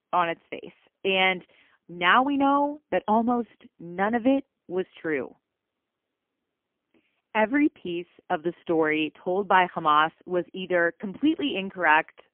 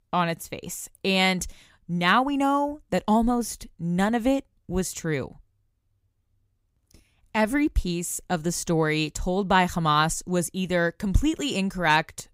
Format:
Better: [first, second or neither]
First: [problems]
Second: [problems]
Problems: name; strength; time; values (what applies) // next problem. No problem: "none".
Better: second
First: phone-call audio; poor line; nothing above 3 kHz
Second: none